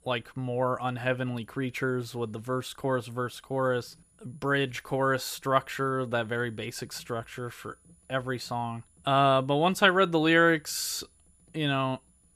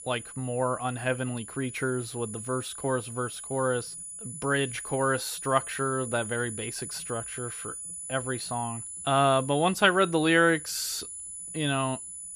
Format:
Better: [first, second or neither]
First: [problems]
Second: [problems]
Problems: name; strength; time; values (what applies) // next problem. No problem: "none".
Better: first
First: high-pitched whine; faint; throughout; 10 kHz, 35 dB below the speech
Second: high-pitched whine; loud; throughout; 10 kHz, 9 dB below the speech